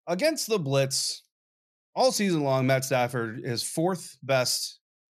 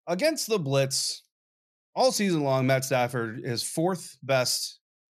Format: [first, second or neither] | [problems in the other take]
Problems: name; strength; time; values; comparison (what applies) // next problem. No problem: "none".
neither | none